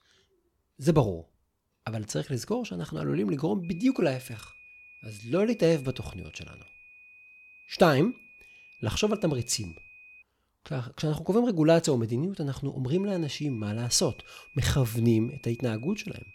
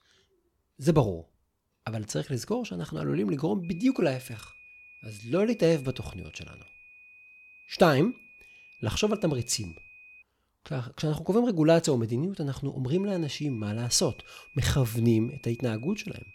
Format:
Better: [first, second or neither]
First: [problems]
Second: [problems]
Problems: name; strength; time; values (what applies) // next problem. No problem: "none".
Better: neither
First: high-pitched whine; faint; from 3.5 to 10 s and from 13 s on; 2.5 kHz, 20 dB below the speech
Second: high-pitched whine; faint; from 3.5 to 10 s and from 13 s on; 2.5 kHz, 20 dB below the speech